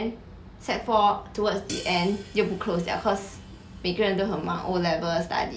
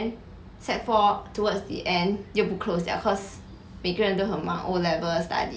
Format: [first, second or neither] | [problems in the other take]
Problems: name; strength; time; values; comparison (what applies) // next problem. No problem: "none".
second | background sound (Hi-hat); 19 dB below the speech